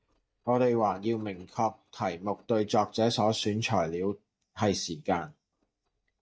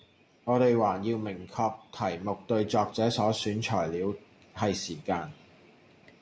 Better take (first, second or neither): second